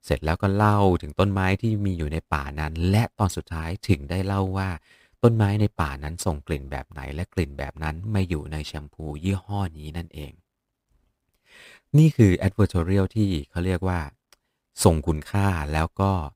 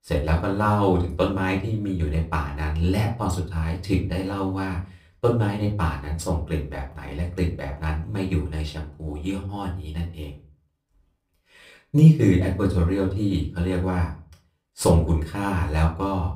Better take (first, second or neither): first